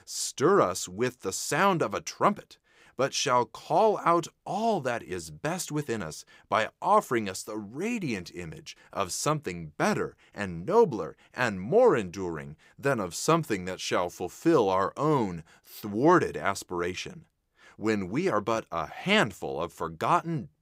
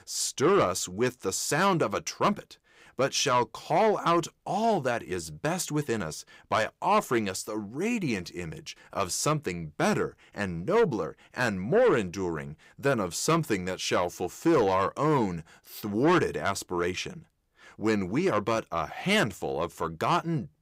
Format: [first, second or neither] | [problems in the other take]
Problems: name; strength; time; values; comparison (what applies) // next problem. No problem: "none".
first | distortion; slight; 10 dB below the speech